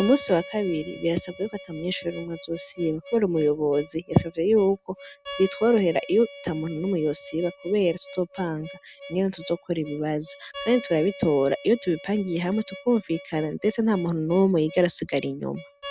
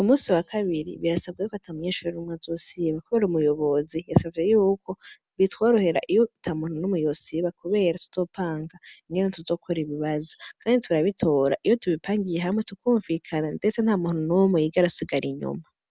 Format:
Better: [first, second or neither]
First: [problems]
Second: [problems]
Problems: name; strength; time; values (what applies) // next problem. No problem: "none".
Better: second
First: background sound (Harmonica); 17 dB below the speech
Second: none